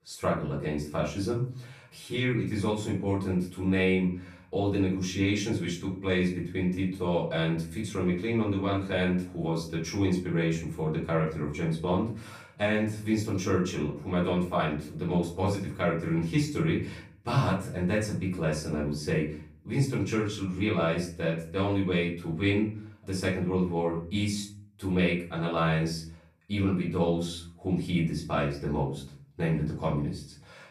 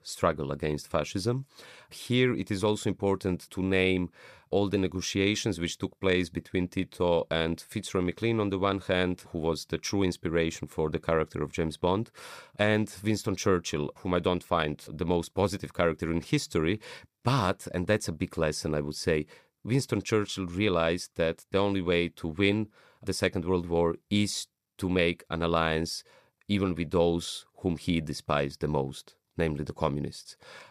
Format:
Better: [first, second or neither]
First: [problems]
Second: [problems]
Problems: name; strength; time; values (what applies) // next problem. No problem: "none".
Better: second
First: room echo; slight; dies away in 0.4 s // off-mic speech; far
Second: none